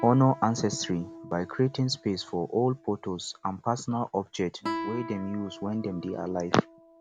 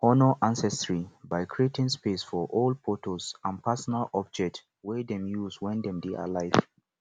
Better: second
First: background sound (Guitar); 14 dB below the speech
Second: none

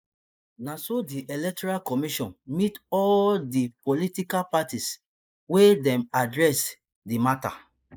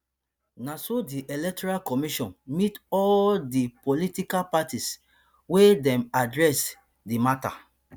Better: second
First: noise reduction (neural mask model Resemble Enhance denoiser)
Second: none

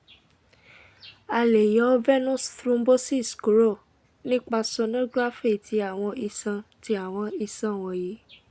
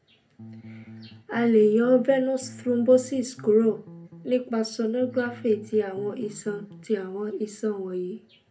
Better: first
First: none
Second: background sound (Bass guitar); 19 dB below the speech // room echo; dies away in 0.3 s

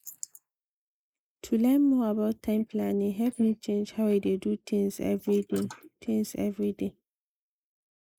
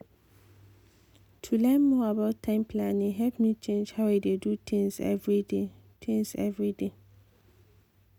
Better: second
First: noise reduction (neural mask model Resemble Enhance denoiser)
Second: none

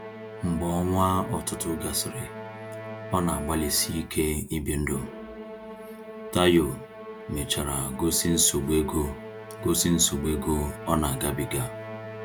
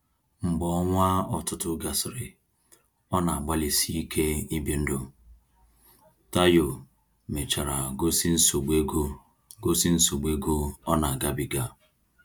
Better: second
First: background sound (Musical instrument); 12 dB below the speech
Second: none

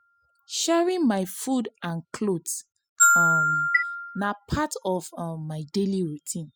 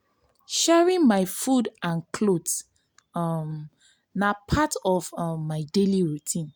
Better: second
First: noise reduction (classical method spectral subtraction)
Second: none

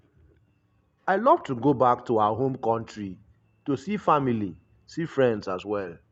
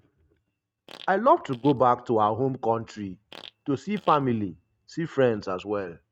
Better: first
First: none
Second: noise reduction (neural mask model RNNoise)

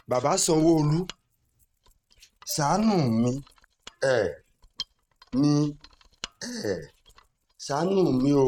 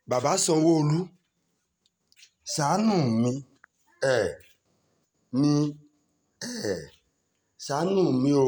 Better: second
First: noise reduction (neural mask model RNNoise)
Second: none

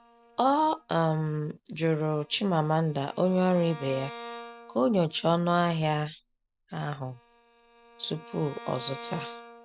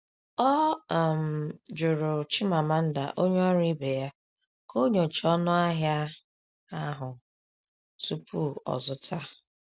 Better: second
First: background sound (Bowed string instrument); 18 dB below the speech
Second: none

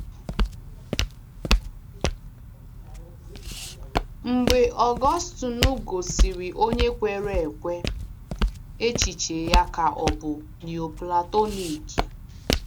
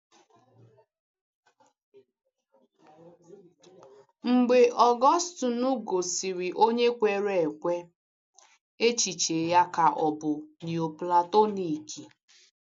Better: second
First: background sound (Walk, footsteps); 1 dB below the speech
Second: none

